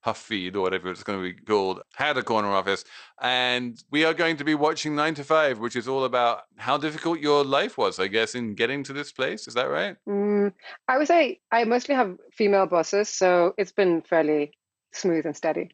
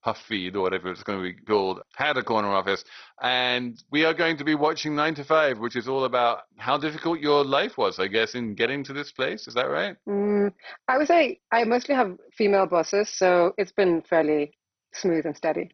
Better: first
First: garbled, watery; slightly; nothing above 8 kHz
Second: garbled, watery; badly; nothing above 6 kHz

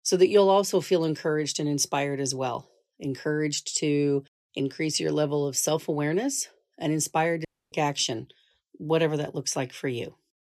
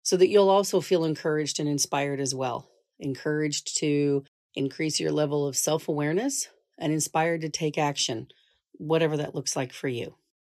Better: second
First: audio cutting out; at 7.5 s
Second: none

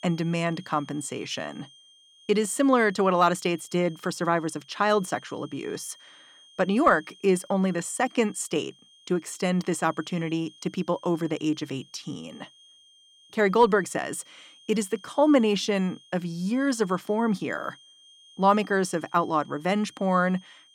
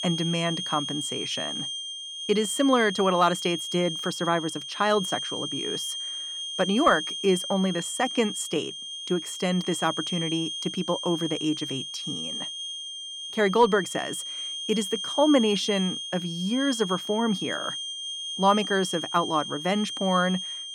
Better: first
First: high-pitched whine; faint; throughout; 3 kHz, 25 dB below the speech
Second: high-pitched whine; loud; throughout; 3 kHz, 5 dB below the speech

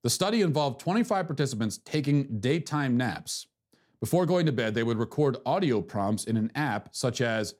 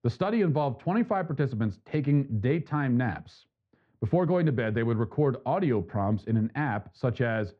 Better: first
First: none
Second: muffled; very; fading above 2.5 kHz

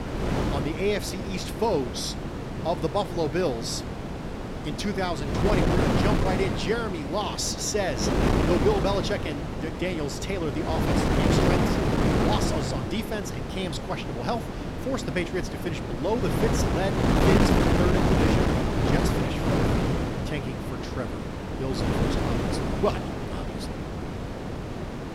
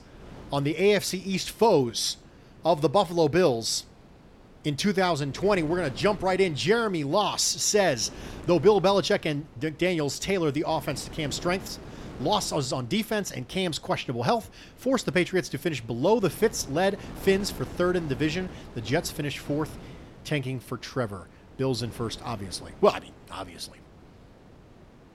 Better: second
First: wind noise on the microphone; heavy; 1 dB above the speech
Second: wind noise on the microphone; occasional gusts; 20 dB below the speech

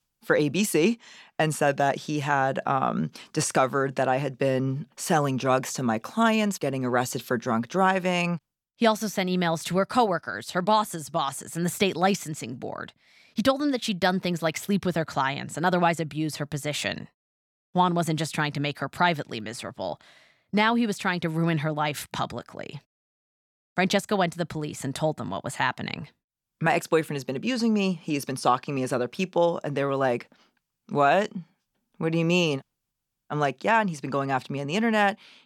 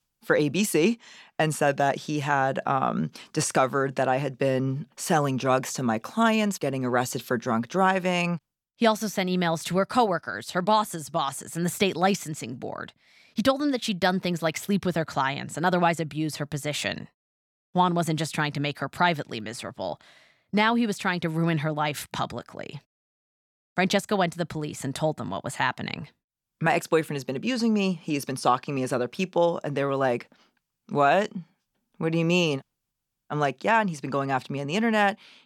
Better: neither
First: none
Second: none

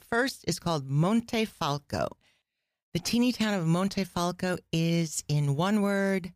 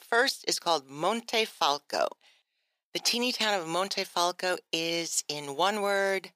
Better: first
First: none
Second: thin; very; fading below 400 Hz

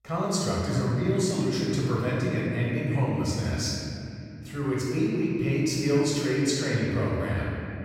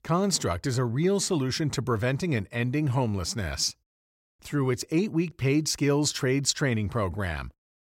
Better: second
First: off-mic speech; far // room echo; strong; dies away in 2.9 s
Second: none

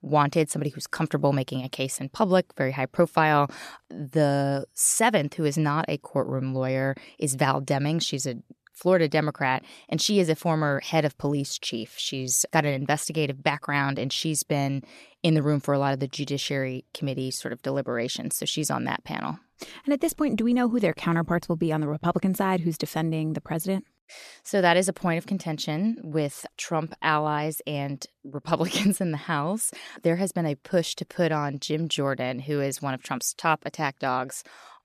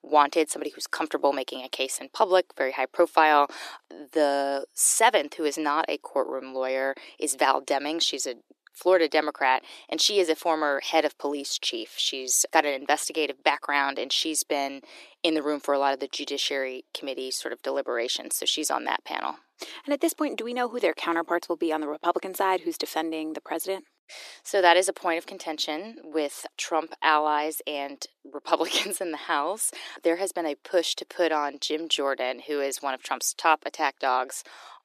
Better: first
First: none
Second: thin; very; fading below 300 Hz

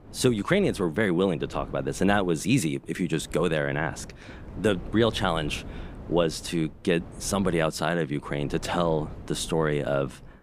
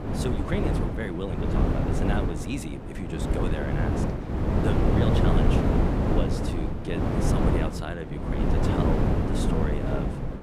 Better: first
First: wind noise on the microphone; occasional gusts; 20 dB below the speech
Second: wind noise on the microphone; heavy; 5 dB above the speech

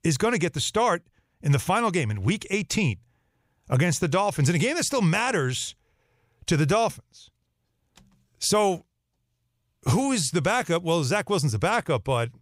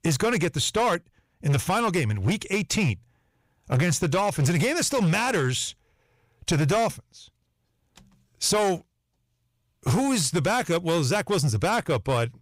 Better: first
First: none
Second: distortion; slight; 10% of the sound clipped

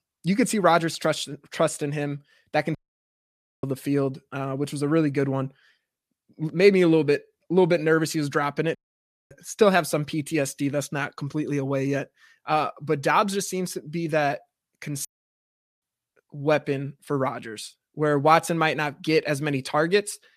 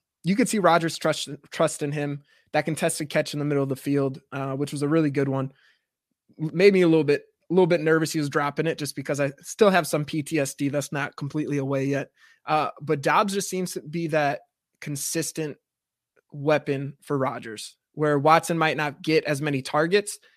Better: second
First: audio cutting out; at 3 s for 1 s, at 9 s for 0.5 s and at 15 s for 1 s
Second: none

